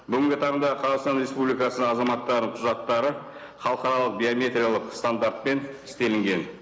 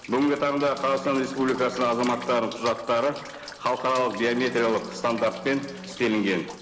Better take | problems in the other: first | background sound (Bowed string instrument + Rain); 17 dB below the speech

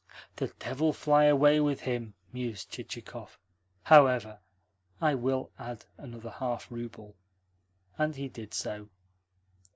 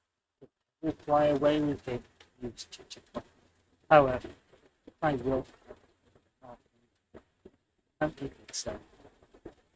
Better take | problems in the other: first | noise reduction (neural mask model RNNoise)

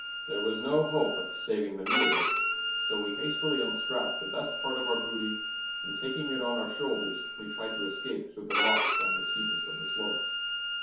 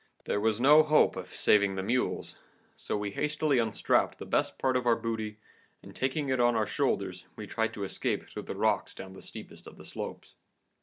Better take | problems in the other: second | background sound (Bowed string instrument); 2 dB above the speech // room echo; dies away in 0.6 s

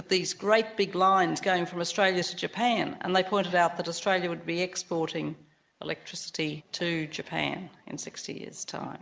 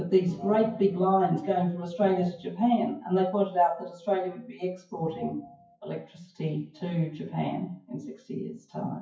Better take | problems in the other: first | noise reduction (classical method WPE with log-MMSE)

